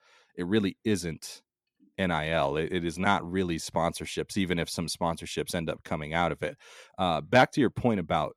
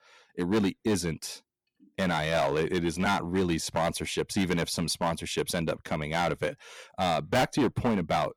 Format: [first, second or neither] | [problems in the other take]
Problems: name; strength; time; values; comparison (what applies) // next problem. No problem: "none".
first | distortion; heavy; 7% of the sound clipped